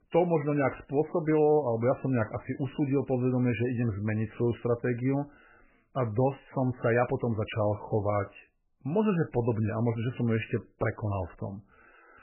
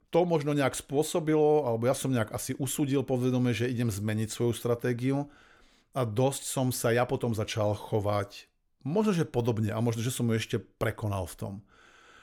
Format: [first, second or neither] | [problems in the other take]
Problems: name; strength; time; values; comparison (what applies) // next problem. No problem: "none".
second | garbled, watery; badly; nothing above 3 kHz